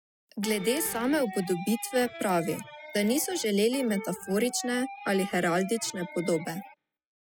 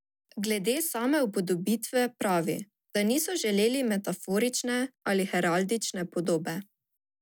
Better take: second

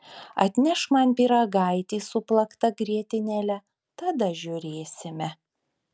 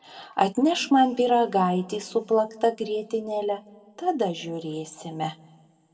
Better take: first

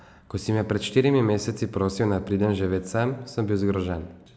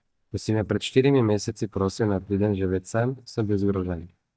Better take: first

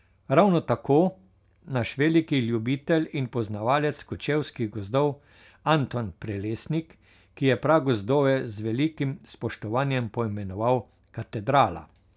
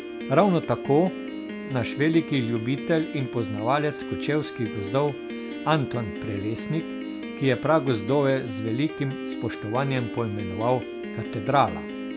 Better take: first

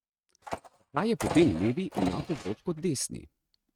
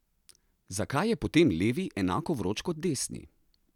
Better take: second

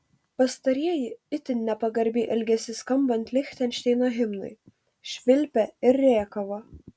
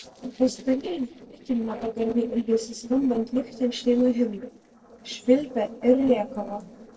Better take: first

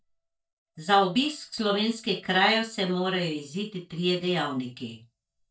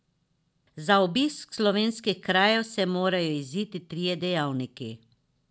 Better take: second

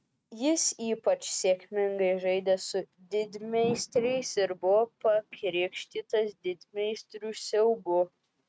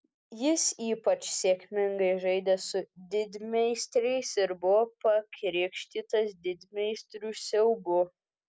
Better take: second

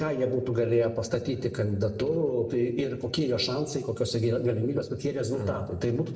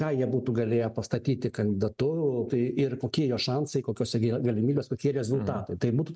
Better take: second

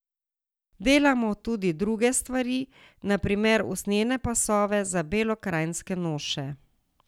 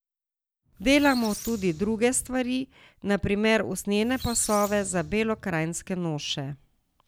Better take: first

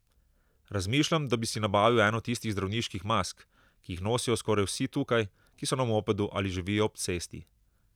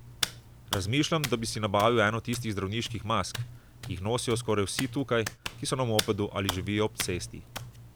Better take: first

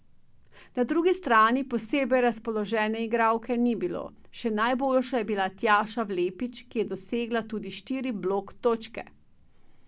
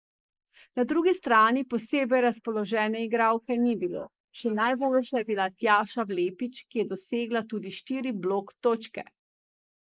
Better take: first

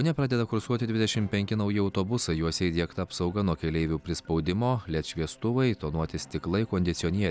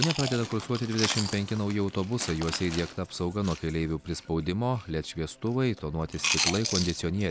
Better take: first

